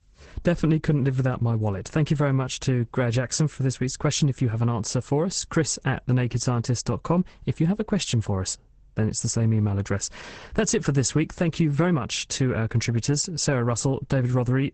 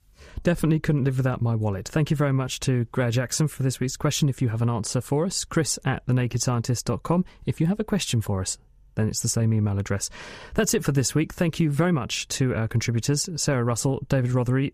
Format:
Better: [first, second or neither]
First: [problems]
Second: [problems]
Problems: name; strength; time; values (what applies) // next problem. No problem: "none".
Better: second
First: garbled, watery; badly; nothing above 8 kHz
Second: none